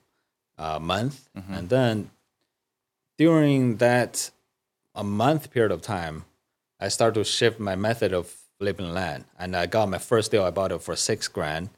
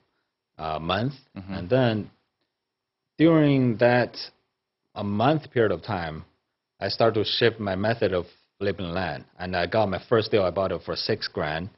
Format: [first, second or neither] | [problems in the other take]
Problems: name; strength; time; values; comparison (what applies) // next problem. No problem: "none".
first | garbled, watery; badly; nothing above 5.5 kHz